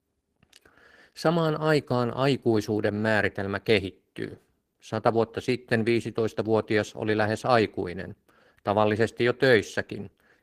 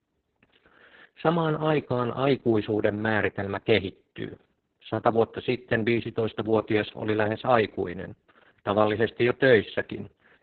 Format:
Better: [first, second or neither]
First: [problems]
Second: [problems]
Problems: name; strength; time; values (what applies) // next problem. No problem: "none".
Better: first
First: garbled, watery; slightly; nothing above 15 kHz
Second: garbled, watery; badly; nothing above 4 kHz